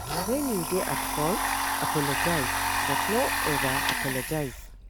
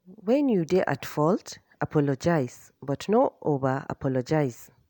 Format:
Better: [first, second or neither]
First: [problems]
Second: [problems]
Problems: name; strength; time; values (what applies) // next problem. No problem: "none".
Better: second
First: background sound (Domestic sounds, home sounds); 3 dB above the speech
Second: none